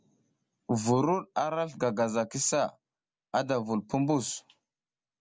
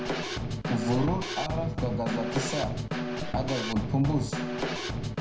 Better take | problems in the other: first | background sound (Snare drum / Drum kit); as loud as the speech // room echo; dies away in 0.4 s

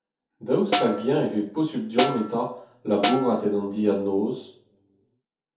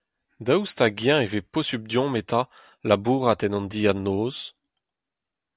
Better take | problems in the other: second | background sound (Snare drum); 5 dB below the speech // room echo; dies away in 0.5 s

